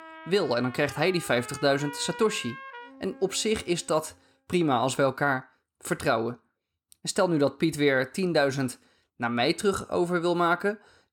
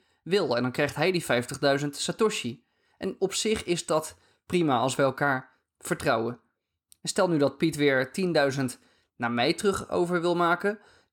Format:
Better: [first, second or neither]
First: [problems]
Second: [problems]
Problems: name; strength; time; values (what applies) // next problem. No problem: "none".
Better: second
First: background music; noticeable; until 4 s; 15 dB below the speech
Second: none